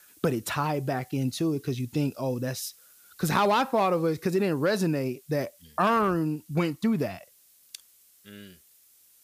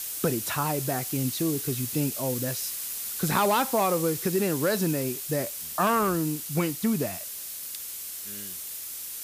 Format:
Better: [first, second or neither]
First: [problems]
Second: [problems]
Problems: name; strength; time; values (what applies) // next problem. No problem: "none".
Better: first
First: hiss; faint; throughout; 25 dB below the speech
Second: hiss; loud; throughout; 4 dB below the speech